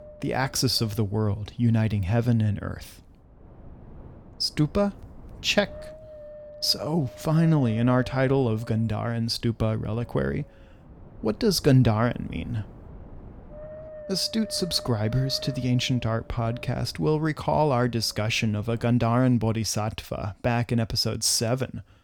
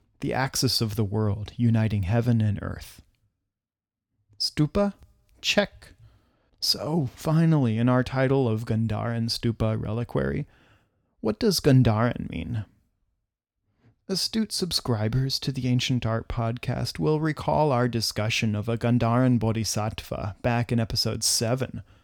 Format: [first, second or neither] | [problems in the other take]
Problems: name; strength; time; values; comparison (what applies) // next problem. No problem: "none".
second | wind noise on the microphone; occasional gusts; until 19 s; 15 dB below the speech